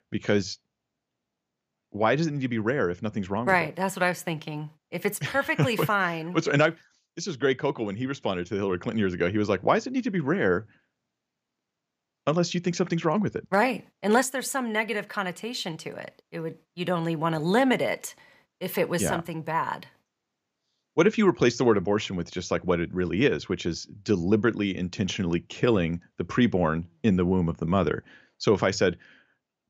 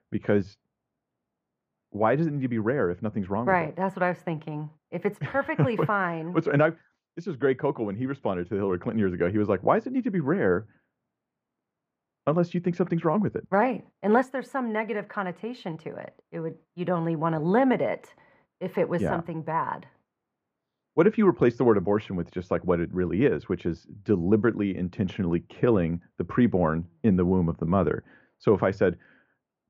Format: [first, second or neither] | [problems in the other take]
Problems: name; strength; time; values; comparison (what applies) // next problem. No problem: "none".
first | muffled; very; fading above 3 kHz